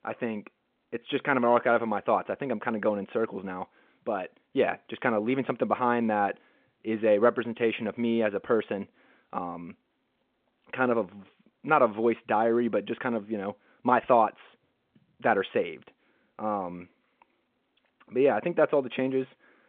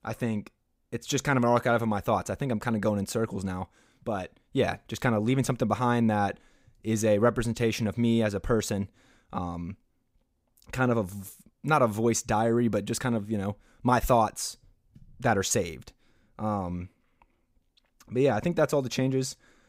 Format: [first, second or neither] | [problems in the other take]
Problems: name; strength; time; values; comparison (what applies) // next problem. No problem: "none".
second | phone-call audio